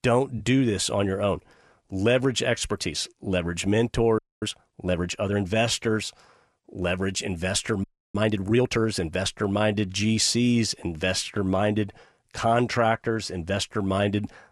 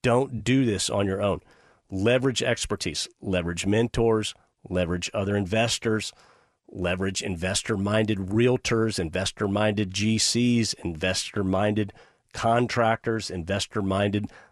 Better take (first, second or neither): second